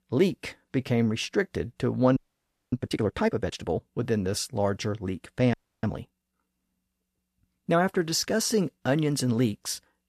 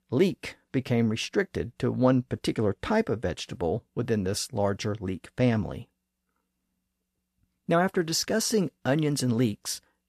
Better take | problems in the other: second | audio freezing; at 2 s for 0.5 s and at 5.5 s

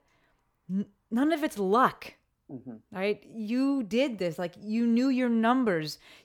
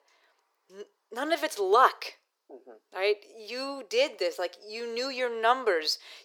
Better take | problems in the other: first | thin; very; fading below 400 Hz

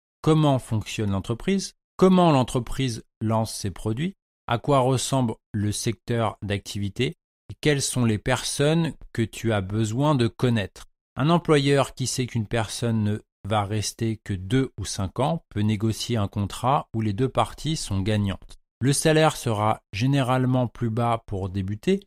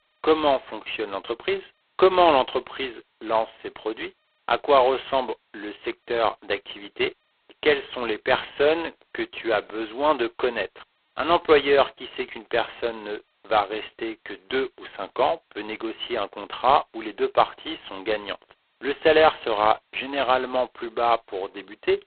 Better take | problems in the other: first | phone-call audio; poor line; nothing above 4 kHz

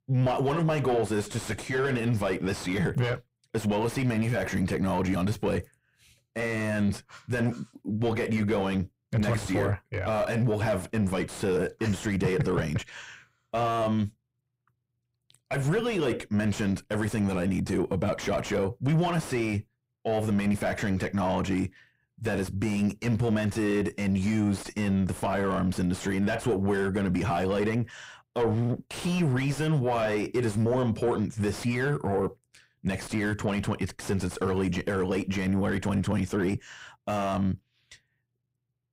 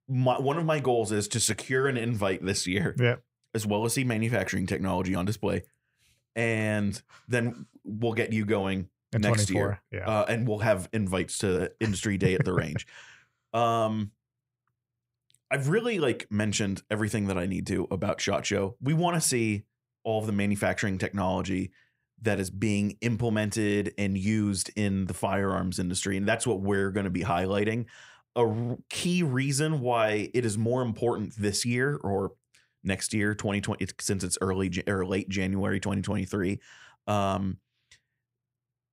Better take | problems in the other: second | distortion; heavy; 7 dB below the speech

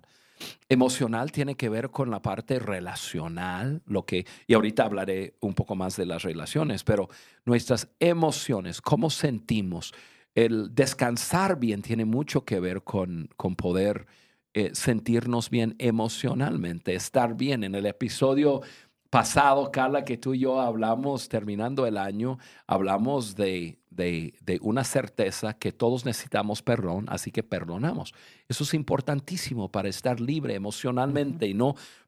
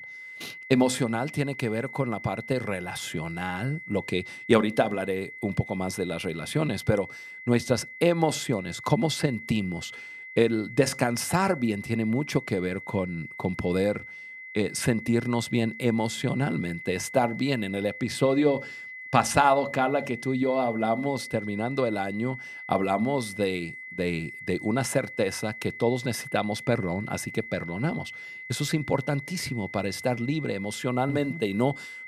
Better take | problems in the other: first | high-pitched whine; noticeable; throughout; 2 kHz, 10 dB below the speech

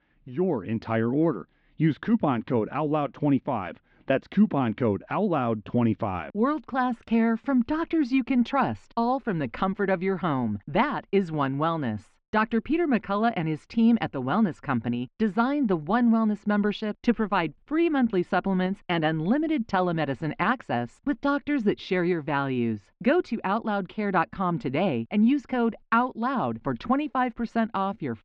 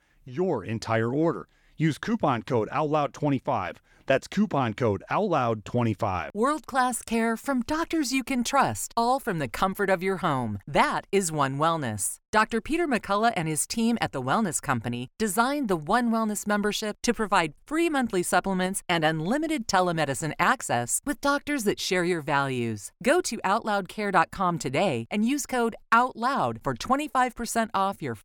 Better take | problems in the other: second | muffled; slightly; fading above 3.5 kHz

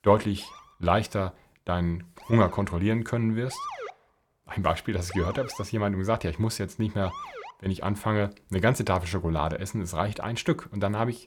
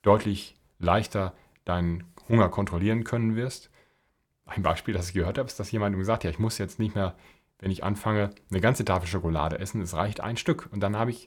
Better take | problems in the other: second | siren; noticeable; until 7.5 s; peak 8 dB below the speech

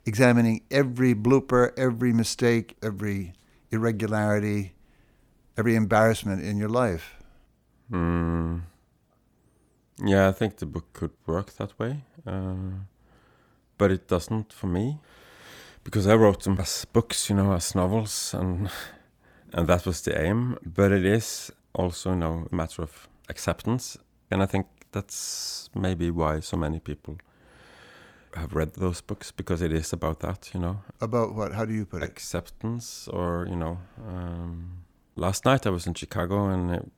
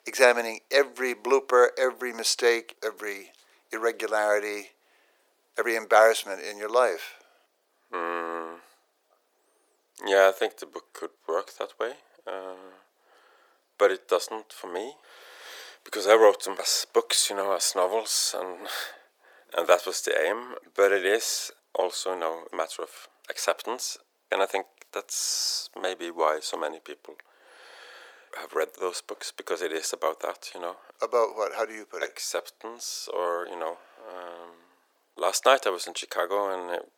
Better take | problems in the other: first | thin; very; fading below 400 Hz

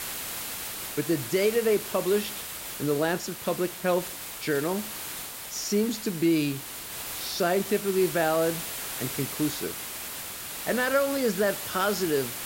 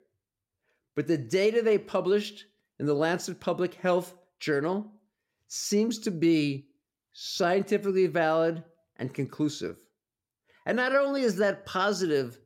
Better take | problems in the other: second | hiss; loud; throughout; 6 dB below the speech

